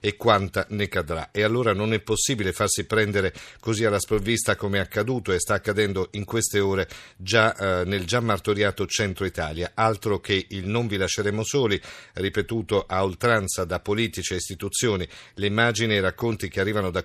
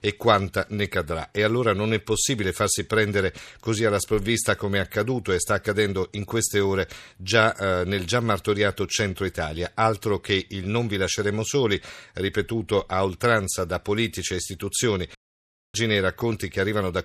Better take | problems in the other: first | audio cutting out; at 15 s for 0.5 s

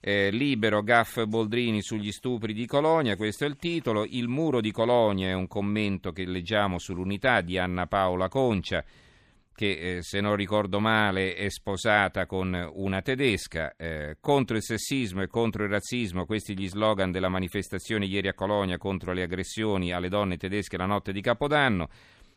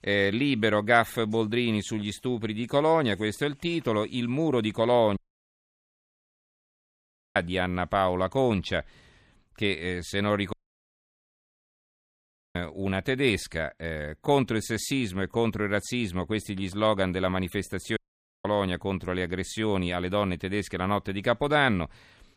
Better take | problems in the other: first | audio cutting out; at 5 s for 2 s, at 11 s for 2 s and at 18 s

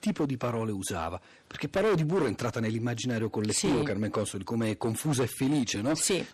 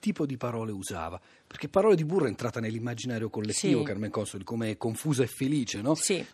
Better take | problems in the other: second | distortion; heavy; 10% of the sound clipped

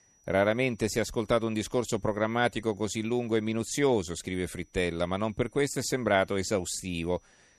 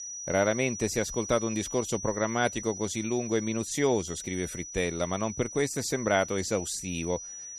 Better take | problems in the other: first | high-pitched whine; loud; throughout; 6 kHz, 8 dB below the speech; faint in the first

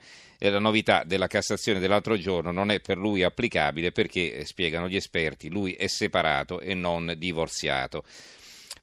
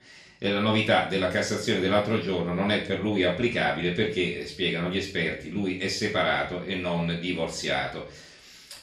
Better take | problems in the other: first | off-mic speech; far // room echo; slight; dies away in 0.4 s

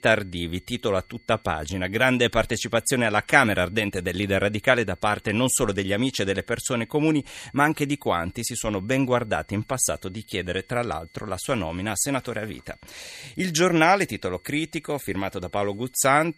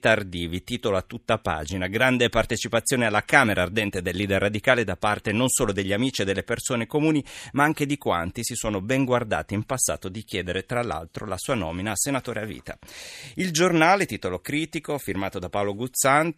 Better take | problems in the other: second | high-pitched whine; faint; throughout; 2 kHz, 30 dB below the speech

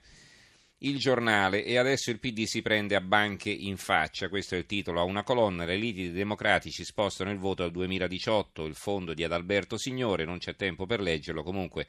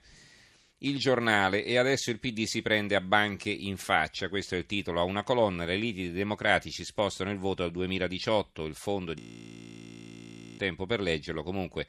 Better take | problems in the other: first | audio freezing; at 9 s for 1.5 s

